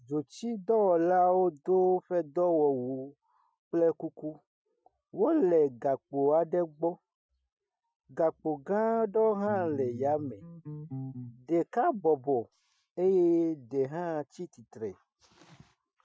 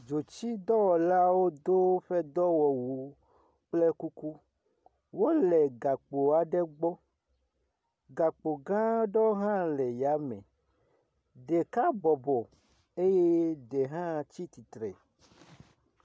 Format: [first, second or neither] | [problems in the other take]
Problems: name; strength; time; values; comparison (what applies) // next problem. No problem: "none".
second | noise reduction (classical method Wiener filter)